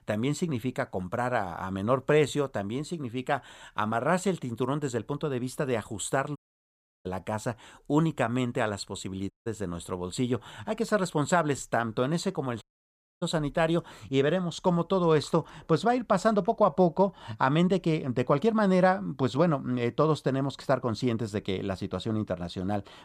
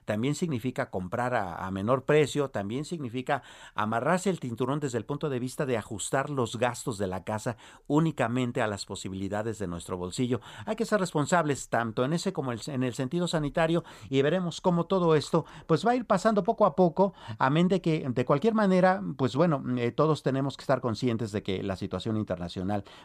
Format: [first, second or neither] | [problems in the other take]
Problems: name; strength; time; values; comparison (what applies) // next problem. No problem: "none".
second | audio cutting out; at 6.5 s for 0.5 s, at 9.5 s and at 13 s for 0.5 s